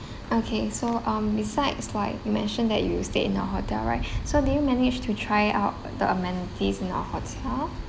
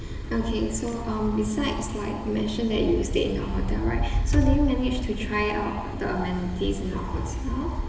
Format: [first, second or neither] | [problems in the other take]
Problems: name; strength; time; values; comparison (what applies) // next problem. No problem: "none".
first | background sound (Thump, thud); 7 dB below the speech // room echo; dies away in 1.3 s